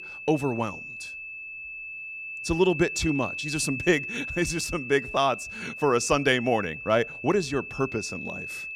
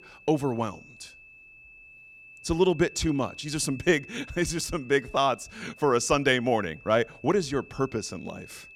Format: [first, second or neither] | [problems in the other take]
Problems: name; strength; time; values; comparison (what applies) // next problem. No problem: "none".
second | high-pitched whine; loud; throughout; 2.5 kHz, 8 dB below the speech; faint in the second